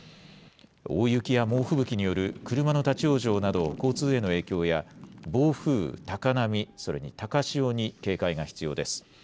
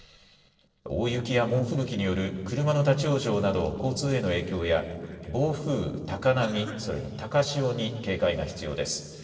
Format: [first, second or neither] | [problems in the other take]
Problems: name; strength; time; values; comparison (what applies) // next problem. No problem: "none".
first | noise reduction (neural separator model SepFormer DNS4)